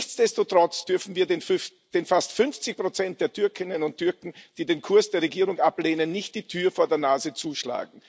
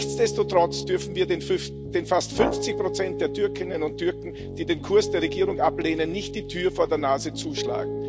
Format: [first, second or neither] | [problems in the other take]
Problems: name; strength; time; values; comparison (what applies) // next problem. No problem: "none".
first | background sound (Piano + Brass instrument); 6 dB below the speech